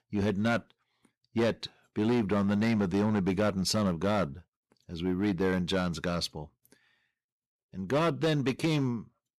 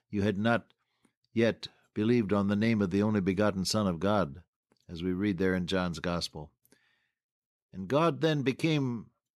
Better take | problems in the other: second | distortion; slight; 7% of the sound clipped

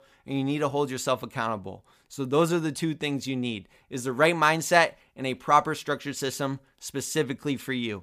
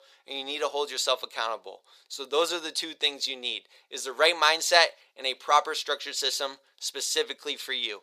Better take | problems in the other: first | thin; very; fading below 450 Hz

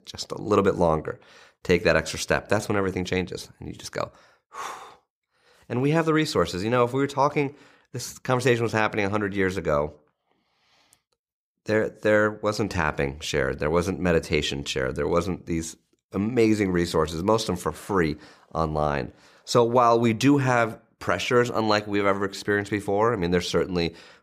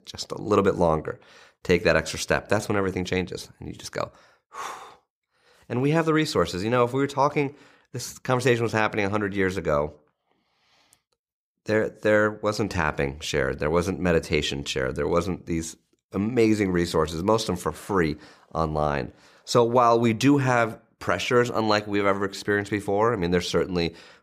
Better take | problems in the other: neither | none

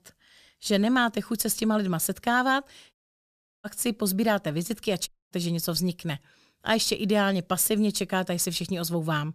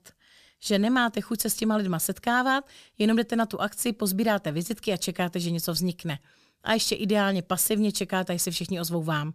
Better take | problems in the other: second | audio cutting out; at 3 s for 0.5 s and at 5 s

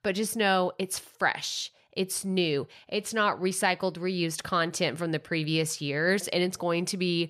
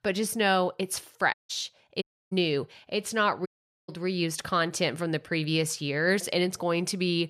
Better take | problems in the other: first | audio cutting out; at 1.5 s, at 2 s and at 3.5 s

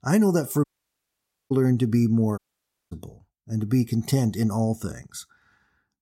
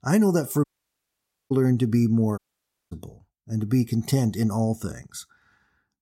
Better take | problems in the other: neither | audio cutting out; at 0.5 s for 1 s and at 2.5 s for 0.5 s; the same in both

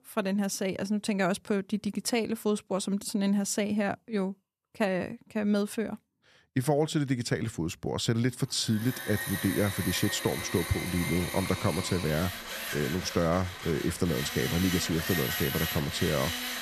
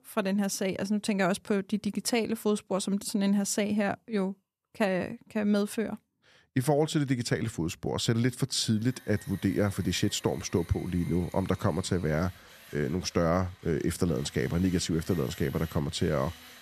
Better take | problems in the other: second | machinery noise; loud; from 9 s on; 4 dB below the speech; faint in the second

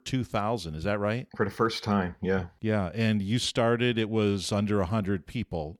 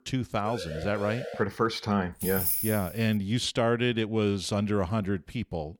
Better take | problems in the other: first | siren; noticeable; at 0.5 s; peak 9 dB below the speech // jangling keys; loud; at 2 s; peak 3 dB above the speech

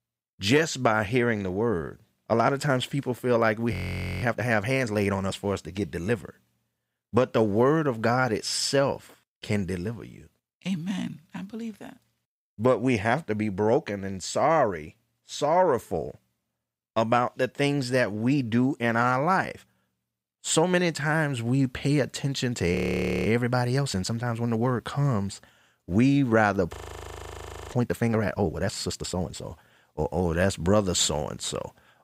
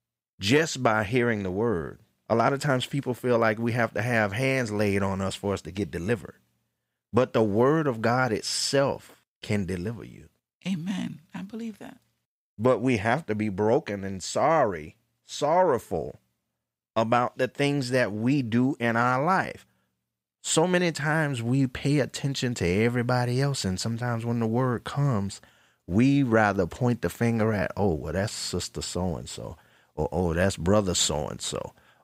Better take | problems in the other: second | audio freezing; at 3.5 s, at 23 s for 0.5 s and at 27 s for 1 s

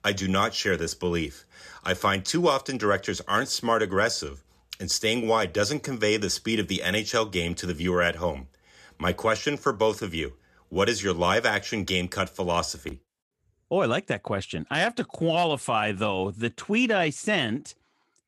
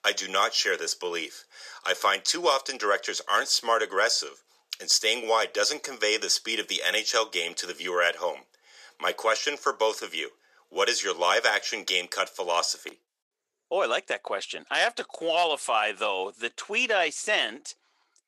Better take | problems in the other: first | thin; very; fading below 450 Hz

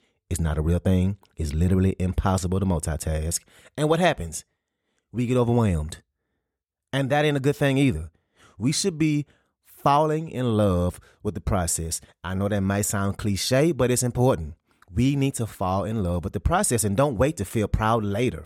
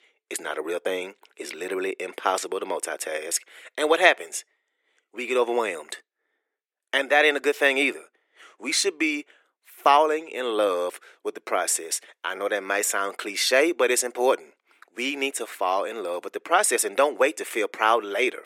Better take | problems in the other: first | thin; very; fading below 350 Hz

